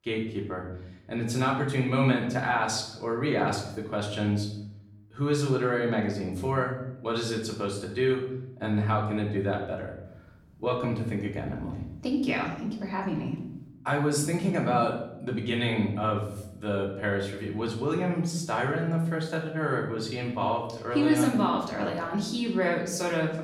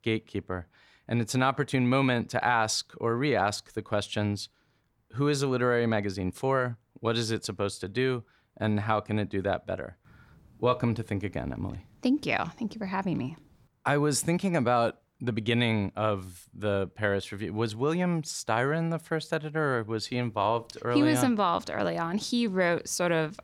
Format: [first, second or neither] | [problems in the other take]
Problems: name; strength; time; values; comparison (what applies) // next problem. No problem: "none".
second | room echo; noticeable; dies away in 0.7 s // off-mic speech; far